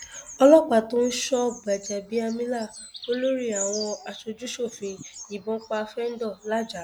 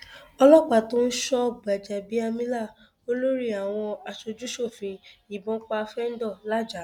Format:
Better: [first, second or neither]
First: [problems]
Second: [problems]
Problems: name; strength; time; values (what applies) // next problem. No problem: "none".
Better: second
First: background sound (Bird vocalization, bird call, bird song); 16 dB below the speech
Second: none